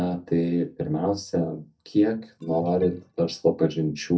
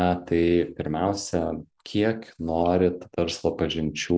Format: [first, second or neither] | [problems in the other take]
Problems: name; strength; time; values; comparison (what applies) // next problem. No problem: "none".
second | noise reduction (neural mask model DeepFilterNet 3)